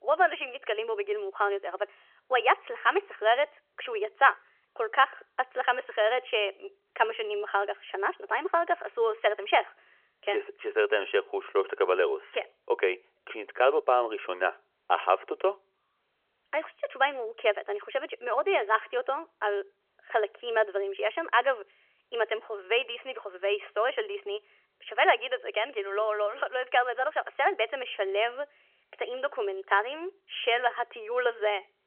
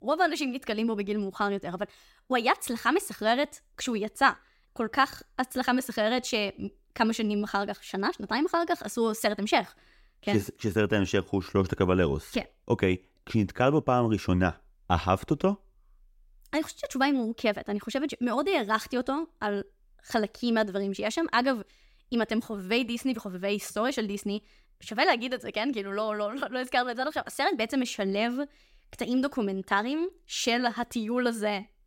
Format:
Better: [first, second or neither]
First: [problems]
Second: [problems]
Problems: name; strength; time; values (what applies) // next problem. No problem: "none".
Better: second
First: phone-call audio; nothing above 3.5 kHz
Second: none